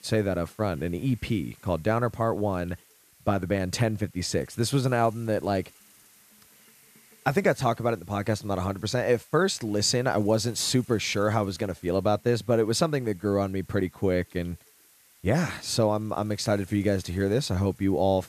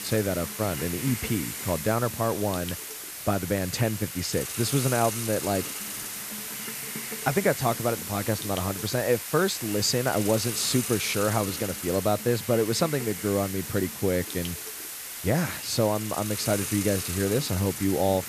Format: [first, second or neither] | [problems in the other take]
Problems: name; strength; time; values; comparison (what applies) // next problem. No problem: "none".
first | hiss; loud; throughout; 5 dB below the speech; faint in the first